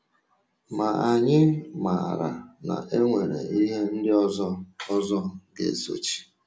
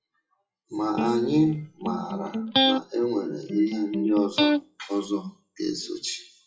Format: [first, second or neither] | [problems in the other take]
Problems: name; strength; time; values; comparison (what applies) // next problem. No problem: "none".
first | noise reduction (classical method WPE with log-MMSE)